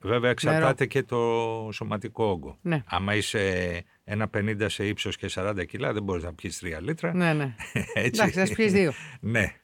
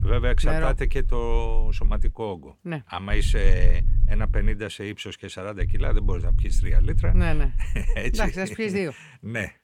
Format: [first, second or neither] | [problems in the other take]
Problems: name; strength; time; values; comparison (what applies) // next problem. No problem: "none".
first | low rumble; noticeable; until 2 s, from 3 to 4.5 s and from 5.5 to 8.5 s; 15 dB below the speech